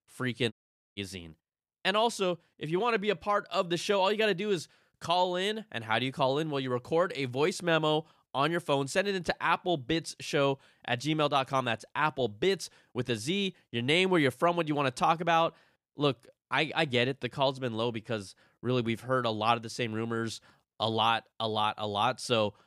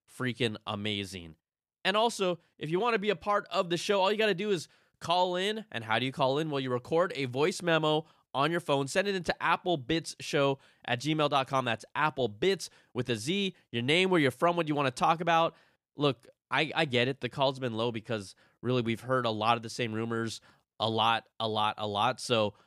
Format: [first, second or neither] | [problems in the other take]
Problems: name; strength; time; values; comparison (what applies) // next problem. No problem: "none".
second | audio cutting out; at 0.5 s